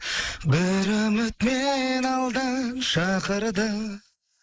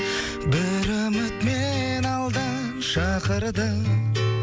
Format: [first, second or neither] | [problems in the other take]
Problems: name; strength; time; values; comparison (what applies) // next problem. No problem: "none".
second | noise reduction (neural mask model Resemble Enhance denoiser)